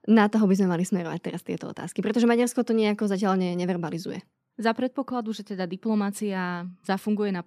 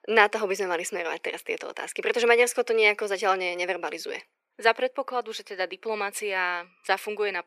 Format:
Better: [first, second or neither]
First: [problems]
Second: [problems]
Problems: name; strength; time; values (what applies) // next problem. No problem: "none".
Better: first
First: none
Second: thin; very; fading below 450 Hz